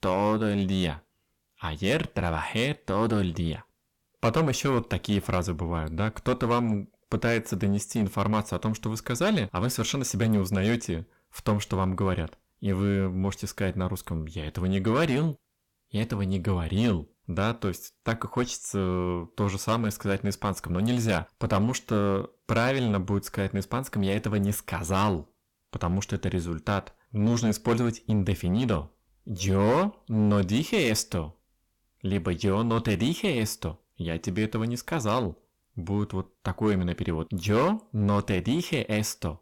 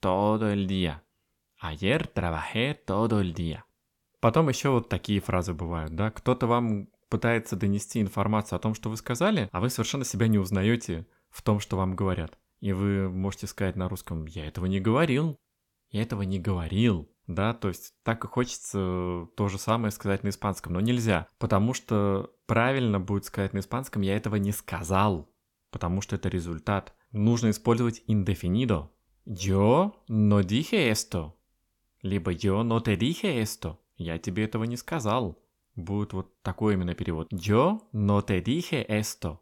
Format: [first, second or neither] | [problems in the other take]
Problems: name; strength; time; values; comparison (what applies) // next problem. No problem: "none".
second | distortion; slight; 6% of the sound clipped